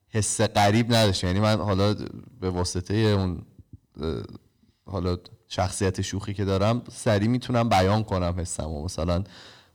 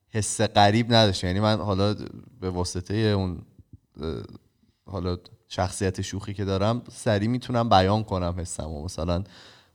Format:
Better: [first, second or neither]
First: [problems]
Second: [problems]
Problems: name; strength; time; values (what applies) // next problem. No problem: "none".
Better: second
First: distortion; slight; 5% of the sound clipped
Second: none